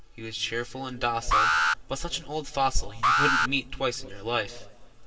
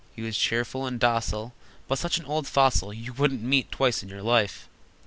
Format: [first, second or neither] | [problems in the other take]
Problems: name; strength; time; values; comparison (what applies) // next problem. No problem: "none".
second | background sound (Alarm); 2 dB above the speech // room echo; dies away in 2.8 s